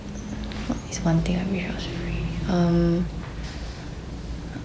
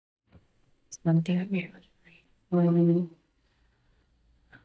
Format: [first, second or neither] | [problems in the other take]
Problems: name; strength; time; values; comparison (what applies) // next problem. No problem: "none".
first | noise reduction (neural mask model DeepFilterNet 3)